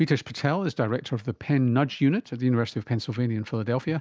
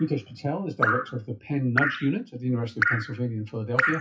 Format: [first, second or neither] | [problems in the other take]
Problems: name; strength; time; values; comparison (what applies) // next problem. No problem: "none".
first | noise reduction (classical method WPE with log-MMSE)